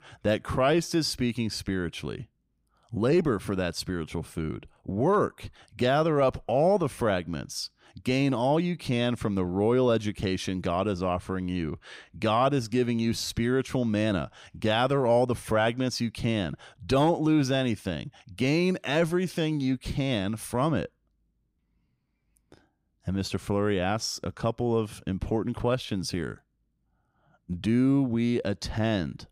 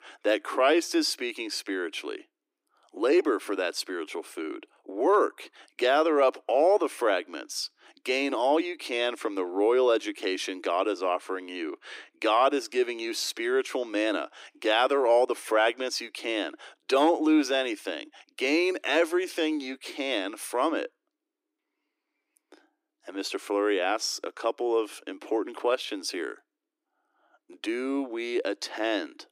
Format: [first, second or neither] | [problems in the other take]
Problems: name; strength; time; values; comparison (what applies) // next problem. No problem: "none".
first | thin; somewhat; fading below 300 Hz